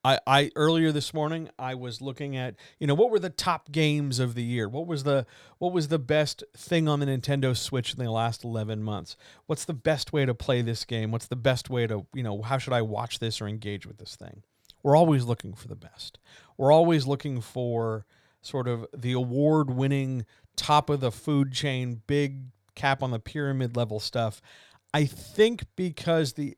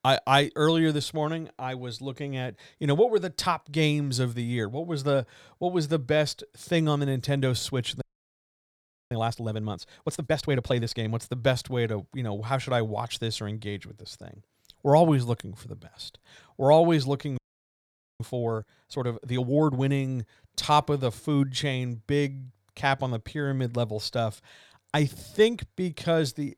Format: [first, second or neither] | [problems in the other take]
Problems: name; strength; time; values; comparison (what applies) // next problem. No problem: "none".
first | audio freezing; at 8 s for 1 s and at 17 s for 1 s